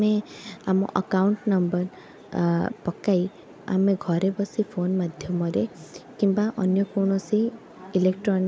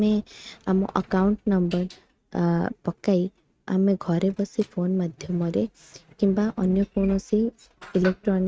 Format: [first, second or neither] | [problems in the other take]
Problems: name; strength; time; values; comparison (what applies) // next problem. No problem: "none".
first | noise reduction (neural mask model RNNoise)